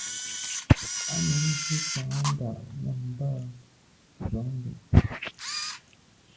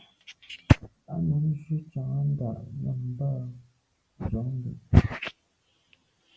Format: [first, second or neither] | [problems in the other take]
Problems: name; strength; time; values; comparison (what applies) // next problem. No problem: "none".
second | background sound (Camera); 7 dB below the speech